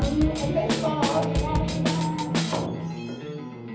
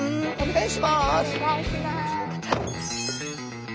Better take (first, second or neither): second